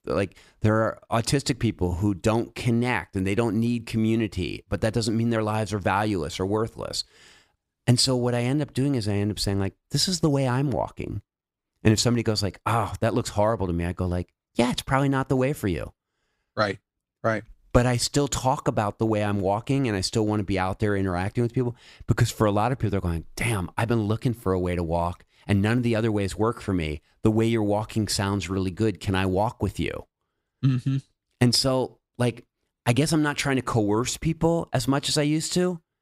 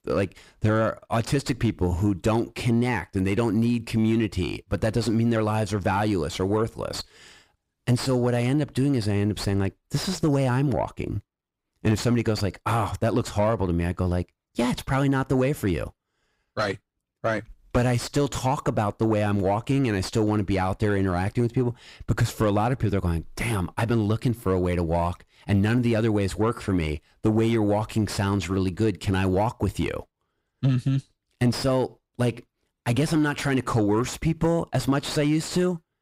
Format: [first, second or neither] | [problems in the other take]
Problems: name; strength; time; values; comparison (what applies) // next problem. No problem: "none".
first | distortion; slight; 10 dB below the speech